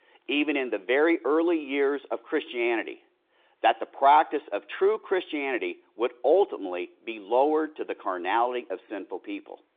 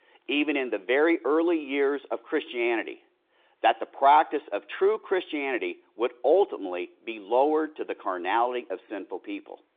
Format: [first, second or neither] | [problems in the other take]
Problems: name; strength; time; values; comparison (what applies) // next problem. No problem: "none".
neither | phone-call audio; the same in both